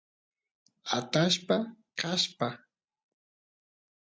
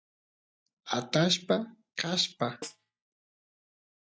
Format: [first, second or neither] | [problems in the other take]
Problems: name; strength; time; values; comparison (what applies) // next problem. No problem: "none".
first | noise reduction (neural mask model DeepFilterNet 3)